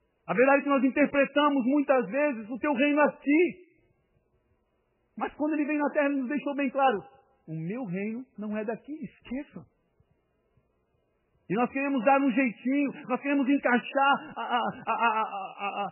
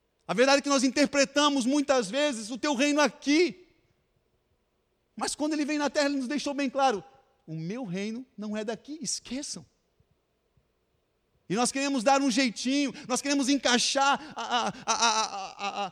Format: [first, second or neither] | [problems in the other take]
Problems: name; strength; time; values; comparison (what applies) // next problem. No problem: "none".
second | garbled, watery; badly; nothing above 3 kHz